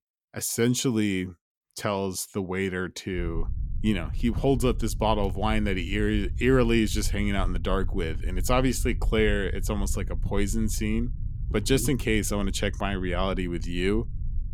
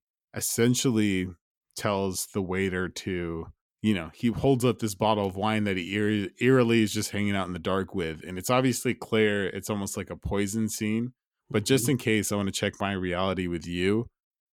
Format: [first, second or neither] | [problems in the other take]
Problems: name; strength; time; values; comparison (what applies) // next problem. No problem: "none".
second | low rumble; faint; from 3 s on; 25 dB below the speech